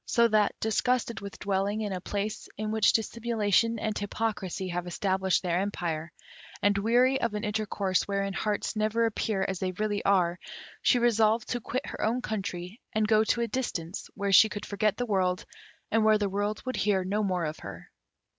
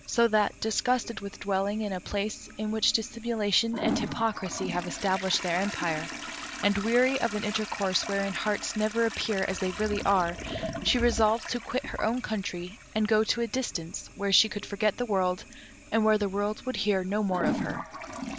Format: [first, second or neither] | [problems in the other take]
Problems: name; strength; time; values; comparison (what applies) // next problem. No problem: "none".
first | background sound (Toilet flush); 10 dB below the speech